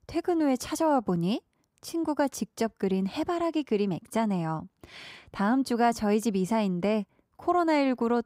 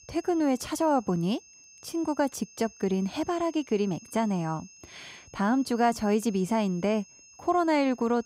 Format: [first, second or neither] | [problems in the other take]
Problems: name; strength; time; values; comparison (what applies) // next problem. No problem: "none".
first | high-pitched whine; faint; throughout; 6.5 kHz, 25 dB below the speech